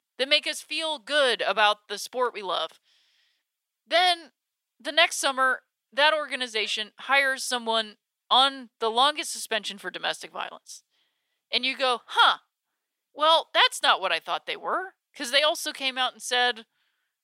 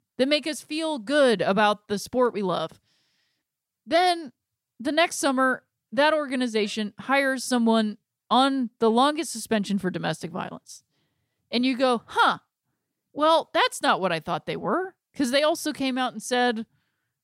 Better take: second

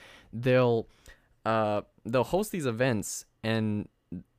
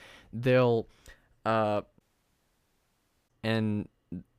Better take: first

